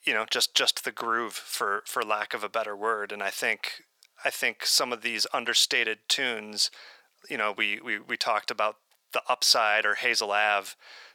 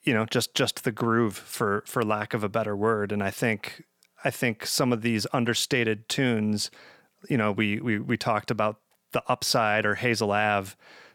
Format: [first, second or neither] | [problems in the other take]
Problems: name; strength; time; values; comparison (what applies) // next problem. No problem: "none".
second | thin; very; fading below 650 Hz